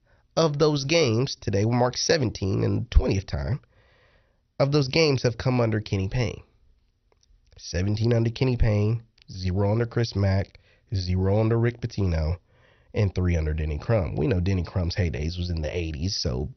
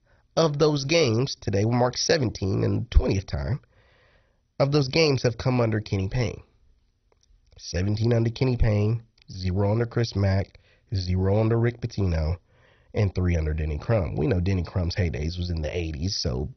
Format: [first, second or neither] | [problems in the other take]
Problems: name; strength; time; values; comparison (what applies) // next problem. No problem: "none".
first | garbled, watery; badly; nothing above 6 kHz; slightly in the first